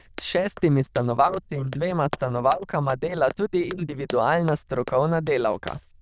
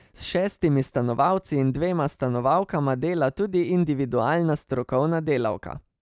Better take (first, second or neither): second